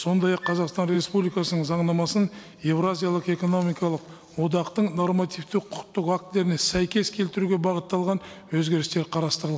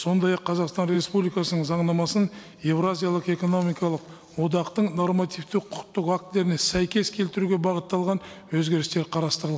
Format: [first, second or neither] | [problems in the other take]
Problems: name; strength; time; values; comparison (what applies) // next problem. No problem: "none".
second | background sound (Wind instrument, woodwind instrument); 14 dB below the speech